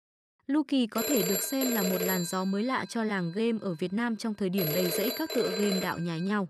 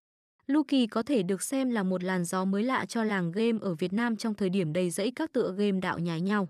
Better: second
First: phone ringing; loud; from 1 s on; peak 2 dB above the speech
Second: none

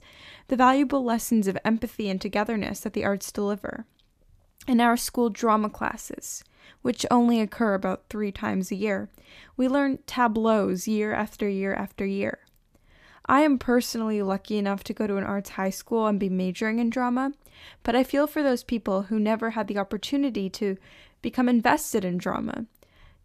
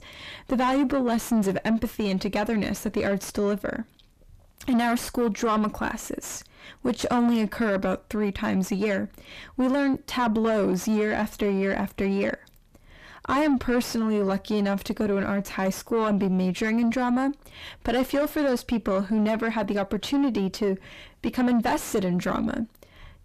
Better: first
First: none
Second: distortion; heavy; 6 dB below the speech

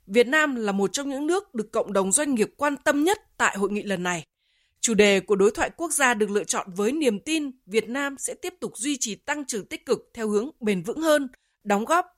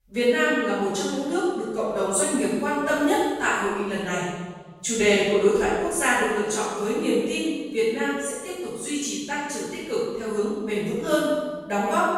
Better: first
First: none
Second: off-mic speech; far // room echo; strong; dies away in 1.3 s

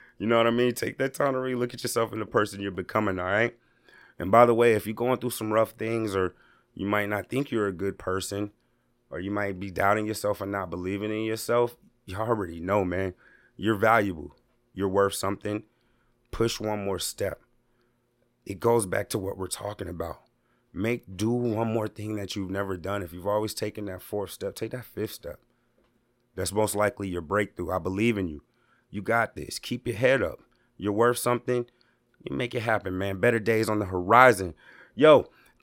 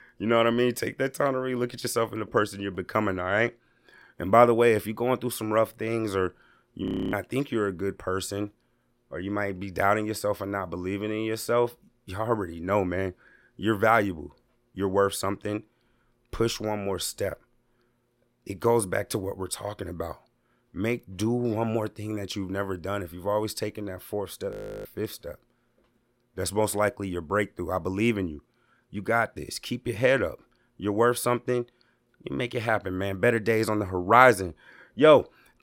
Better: first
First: none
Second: audio freezing; at 7 s and at 25 s

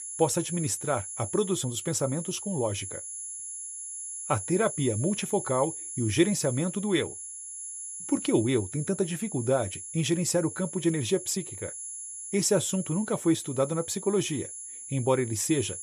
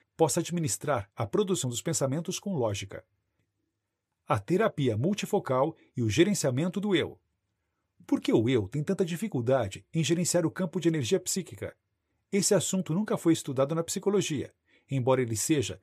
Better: second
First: high-pitched whine; loud; throughout; 10.5 kHz, 8 dB below the speech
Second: none

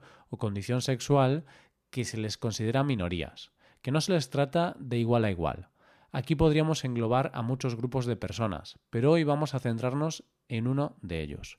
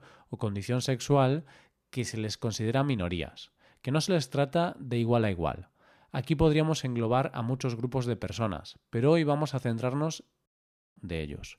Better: first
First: none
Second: audio cutting out; at 10 s for 0.5 s

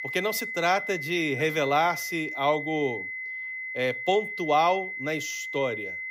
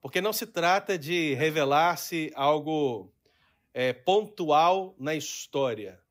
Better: second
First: high-pitched whine; loud; throughout; 2 kHz, 6 dB below the speech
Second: none

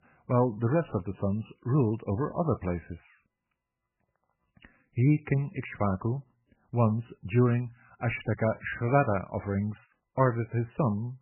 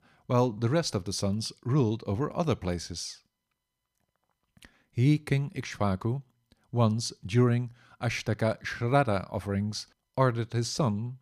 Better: second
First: garbled, watery; badly; nothing above 2.5 kHz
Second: none

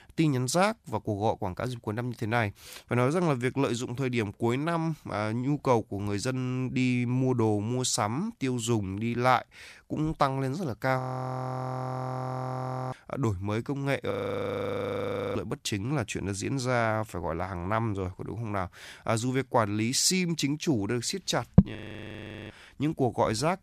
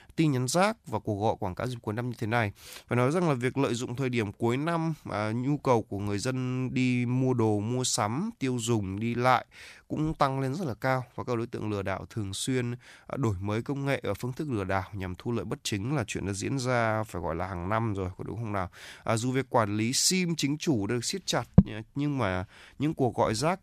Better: second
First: audio freezing; at 11 s for 2 s, at 14 s for 1 s and at 22 s for 1 s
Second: none

